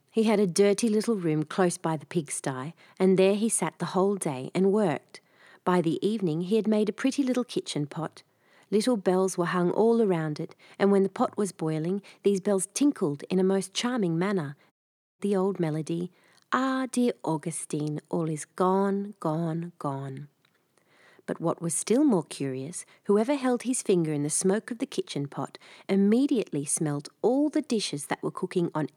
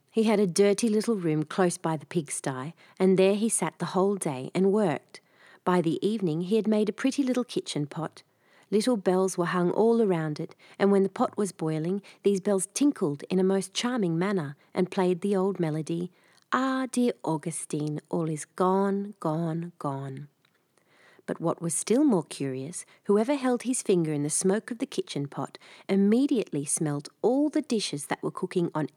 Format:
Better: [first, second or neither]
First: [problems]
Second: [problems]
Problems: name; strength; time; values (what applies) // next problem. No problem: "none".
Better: second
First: audio cutting out; at 15 s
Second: none